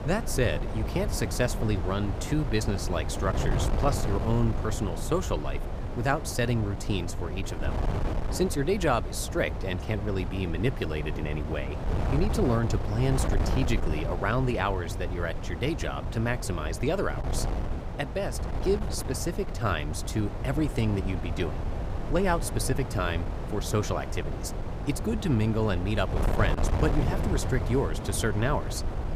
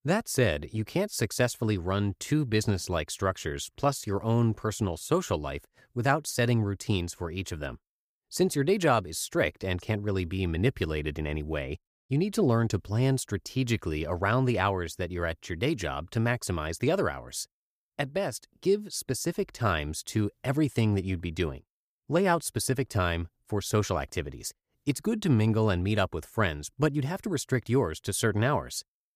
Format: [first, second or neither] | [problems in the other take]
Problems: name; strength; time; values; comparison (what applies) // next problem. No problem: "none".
second | wind noise on the microphone; heavy; 7 dB below the speech